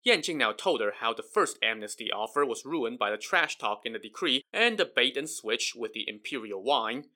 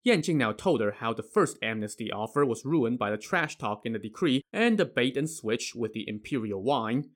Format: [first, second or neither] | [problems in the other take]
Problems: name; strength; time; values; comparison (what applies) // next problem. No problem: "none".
second | thin; somewhat; fading below 450 Hz